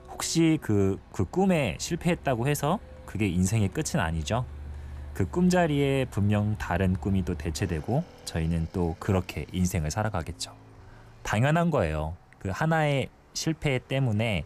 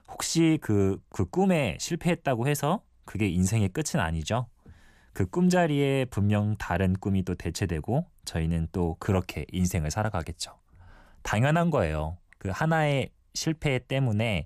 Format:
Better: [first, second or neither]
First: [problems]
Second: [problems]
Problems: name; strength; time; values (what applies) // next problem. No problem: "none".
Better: second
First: traffic noise; noticeable; throughout; 20 dB below the speech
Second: none